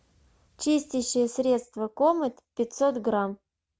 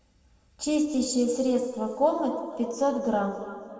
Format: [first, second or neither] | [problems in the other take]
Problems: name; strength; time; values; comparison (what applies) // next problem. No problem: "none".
first | room echo; dies away in 1.9 s